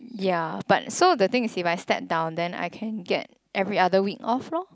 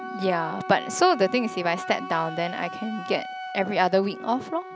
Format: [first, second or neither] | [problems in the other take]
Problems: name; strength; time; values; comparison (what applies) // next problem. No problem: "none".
first | background sound (Wind instrument, woodwind instrument); 11 dB below the speech